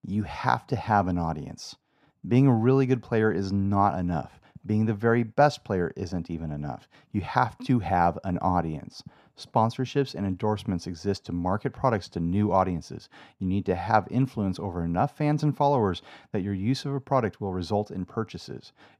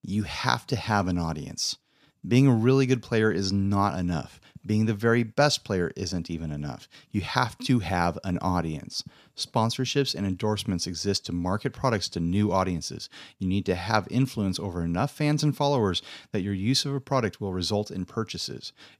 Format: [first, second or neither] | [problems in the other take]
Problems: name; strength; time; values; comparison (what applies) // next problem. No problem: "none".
second | muffled; slightly; fading above 2.5 kHz